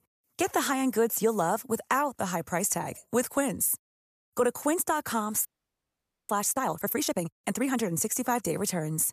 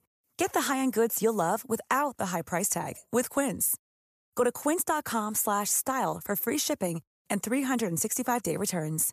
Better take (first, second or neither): second